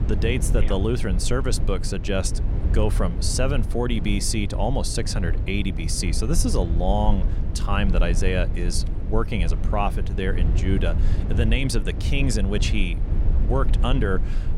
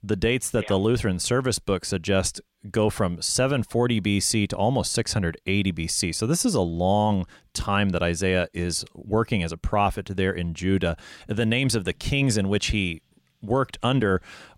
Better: second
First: low rumble; noticeable; throughout; 10 dB below the speech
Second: none

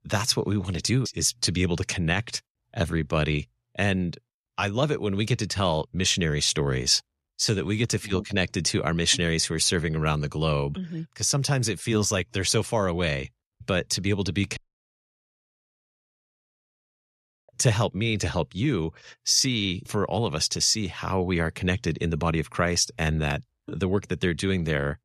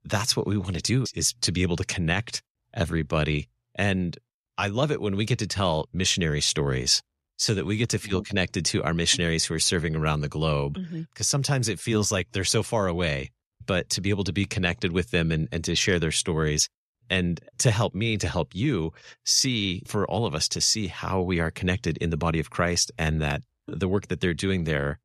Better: second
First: audio cutting out; at 15 s for 3 s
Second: none

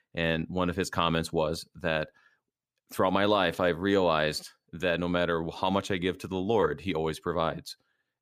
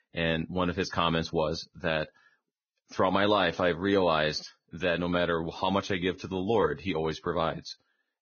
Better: first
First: none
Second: garbled, watery; badly; nothing above 6.5 kHz

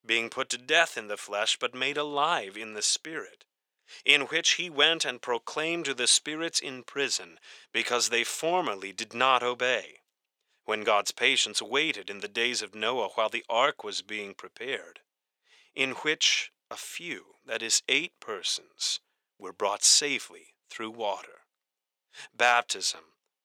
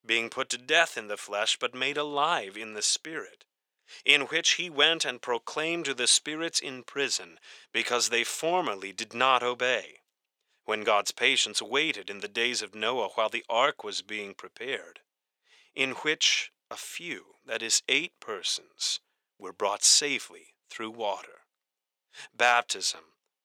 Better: neither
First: thin; very; fading below 600 Hz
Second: thin; very; fading below 600 Hz

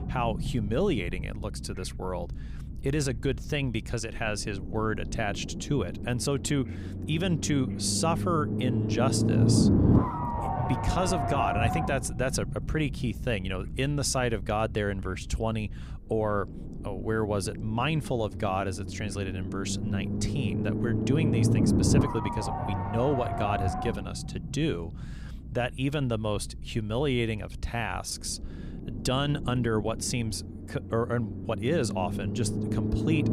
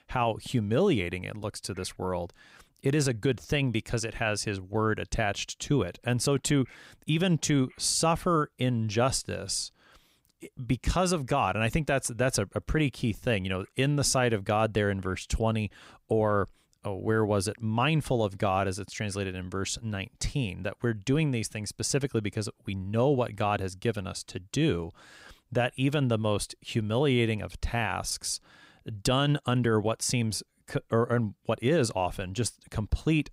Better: second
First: low rumble; loud; throughout; 3 dB below the speech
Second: none

